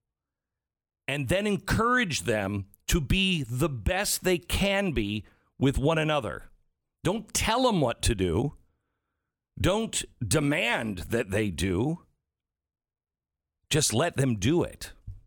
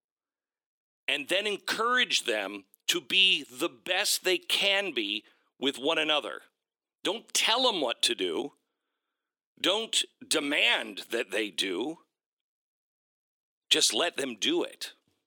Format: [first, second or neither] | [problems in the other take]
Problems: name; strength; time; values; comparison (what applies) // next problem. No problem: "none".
first | thin; somewhat; fading below 300 Hz